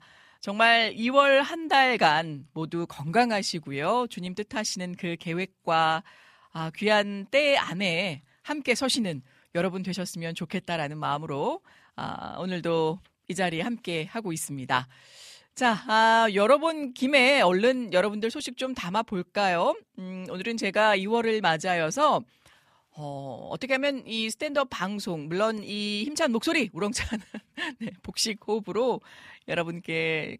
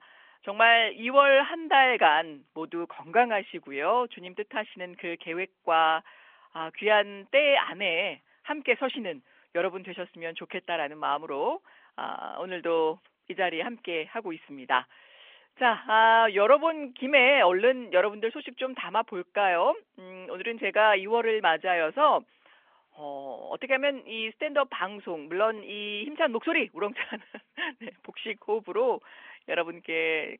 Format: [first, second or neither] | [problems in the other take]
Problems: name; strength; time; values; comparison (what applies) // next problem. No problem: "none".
first | phone-call audio; nothing above 3 kHz